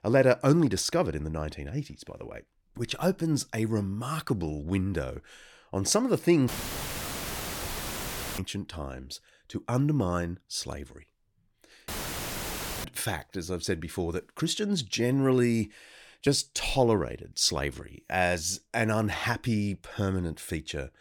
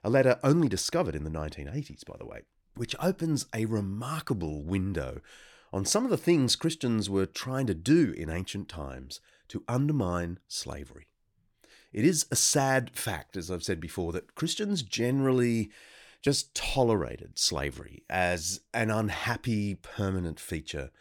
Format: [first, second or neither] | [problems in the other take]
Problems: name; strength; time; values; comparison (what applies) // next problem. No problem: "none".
second | audio cutting out; filled with static; at 6.5 s for 2 s and at 12 s for 1 s